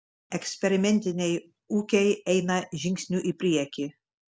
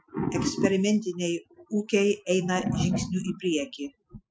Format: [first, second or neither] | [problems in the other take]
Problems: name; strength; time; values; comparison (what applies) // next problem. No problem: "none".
first | noise reduction (classical method Wiener filter)